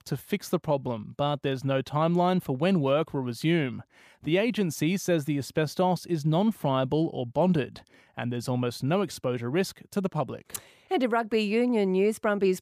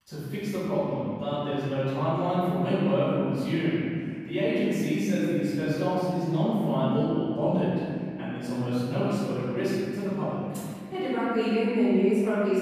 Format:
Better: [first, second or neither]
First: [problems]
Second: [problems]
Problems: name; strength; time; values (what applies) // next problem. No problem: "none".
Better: first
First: none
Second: off-mic speech; far // room echo; strong; dies away in 2.3 s